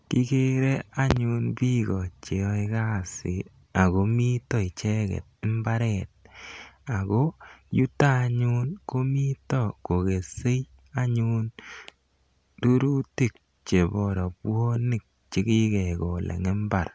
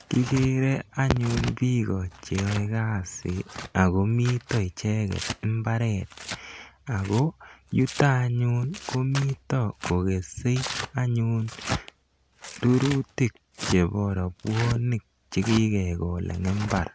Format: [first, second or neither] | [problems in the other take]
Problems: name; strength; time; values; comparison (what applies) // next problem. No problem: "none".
first | background sound (Tearing); 13 dB below the speech